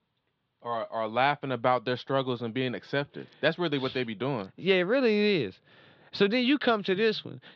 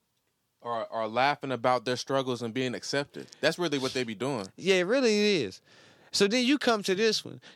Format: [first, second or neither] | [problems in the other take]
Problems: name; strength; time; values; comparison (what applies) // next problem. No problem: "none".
second | muffled; slightly; fading above 3.5 kHz